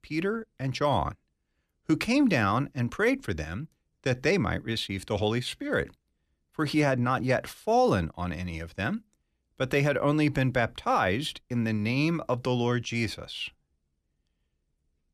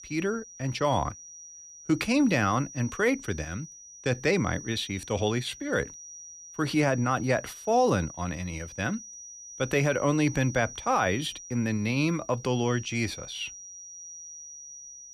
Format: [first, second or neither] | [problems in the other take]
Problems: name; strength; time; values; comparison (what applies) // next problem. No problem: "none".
first | high-pitched whine; noticeable; throughout; 6 kHz, 15 dB below the speech